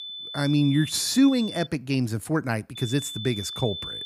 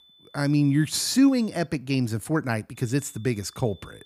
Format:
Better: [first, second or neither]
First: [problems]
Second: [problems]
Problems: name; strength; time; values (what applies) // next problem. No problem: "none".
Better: second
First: high-pitched whine; loud; until 1.5 s and from 3 s on; 3.5 kHz, 10 dB below the speech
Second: high-pitched whine; faint; until 1.5 s and from 3 s on; 3.5 kHz, 30 dB below the speech